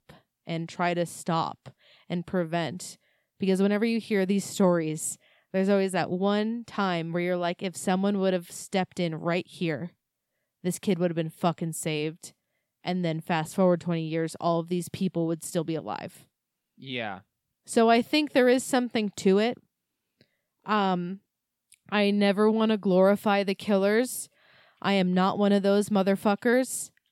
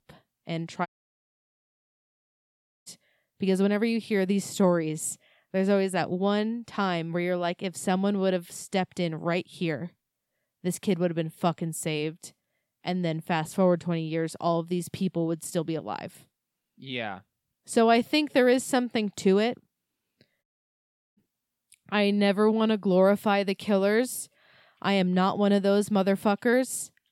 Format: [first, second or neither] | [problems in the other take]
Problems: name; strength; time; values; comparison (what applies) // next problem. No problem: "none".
first | audio cutting out; at 1 s for 2 s and at 20 s for 0.5 s